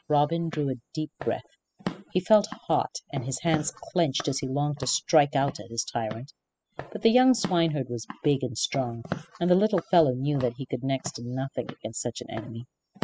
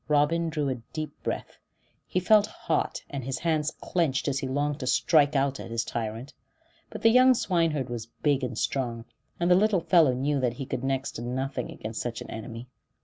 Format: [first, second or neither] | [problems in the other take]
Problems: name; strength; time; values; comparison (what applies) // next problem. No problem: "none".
second | noise reduction (classical method spectral subtraction)